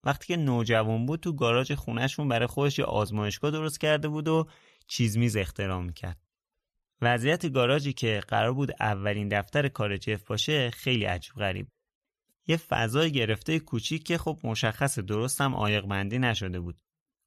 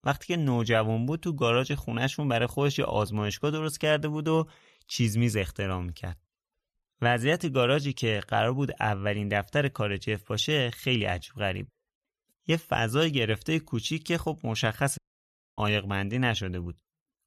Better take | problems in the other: first | audio cutting out; at 15 s for 0.5 s

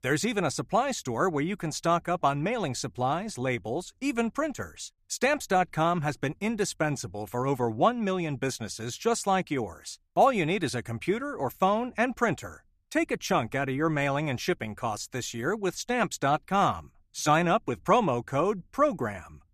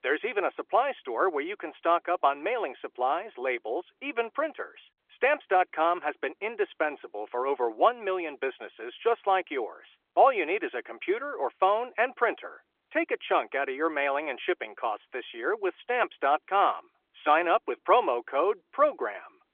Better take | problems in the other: first | phone-call audio; nothing above 3.5 kHz

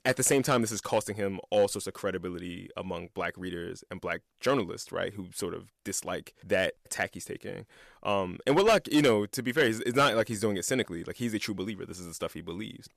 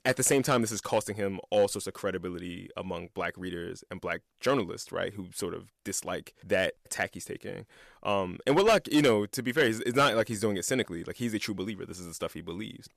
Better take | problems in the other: neither | distortion; slight; 1.7% of the sound clipped; the same in both

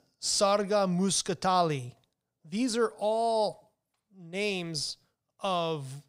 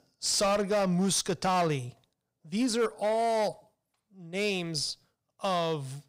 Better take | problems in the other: first | distortion; slight; 7% of the sound clipped

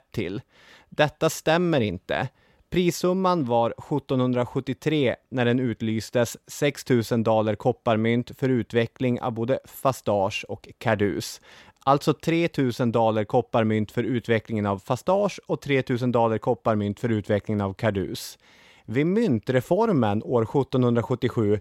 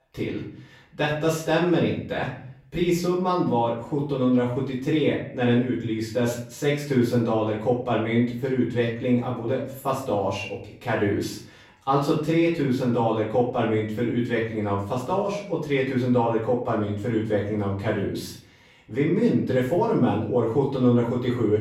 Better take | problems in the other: first | off-mic speech; far // room echo; noticeable; dies away in 0.5 s

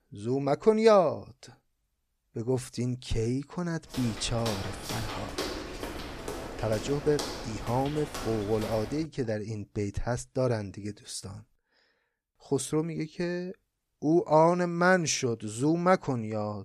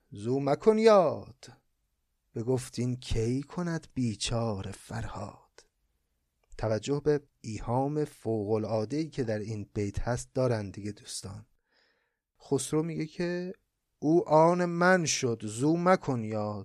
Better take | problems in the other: second | footsteps; noticeable; from 4 to 9 s; peak 6 dB below the speech

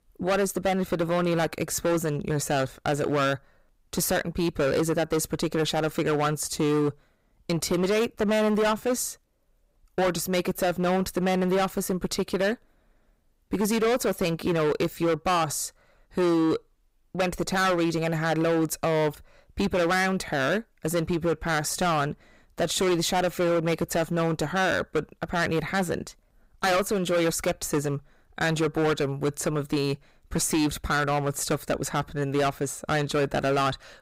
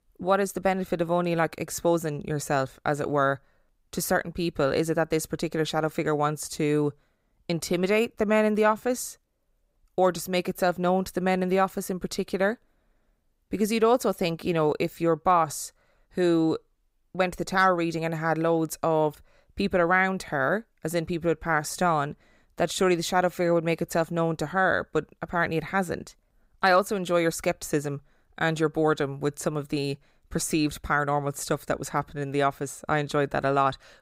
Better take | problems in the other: second | distortion; heavy; 14% of the sound clipped

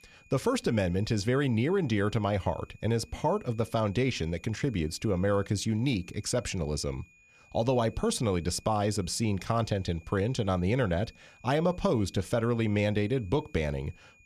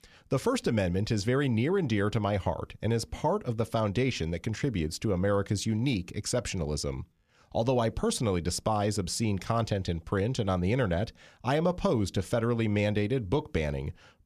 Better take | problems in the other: second | high-pitched whine; faint; throughout; 2.5 kHz, 30 dB below the speech

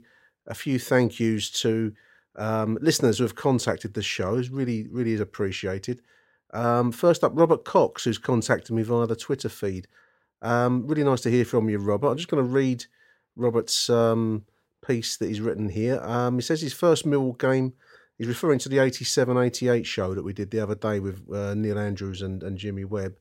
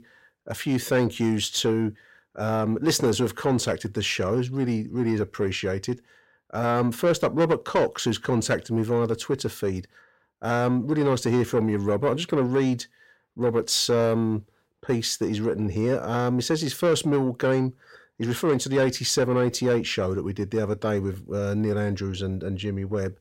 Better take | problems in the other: first | distortion; slight; 10 dB below the speech

